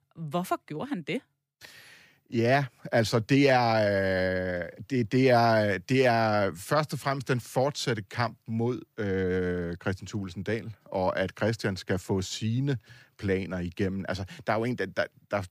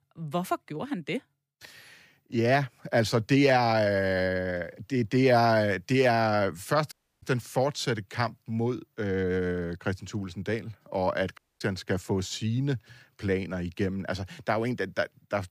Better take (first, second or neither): first